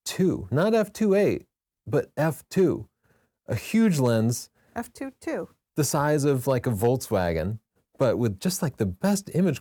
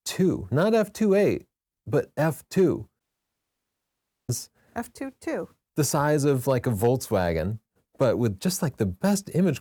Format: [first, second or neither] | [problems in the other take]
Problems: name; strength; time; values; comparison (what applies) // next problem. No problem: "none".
first | audio cutting out; at 3 s for 1.5 s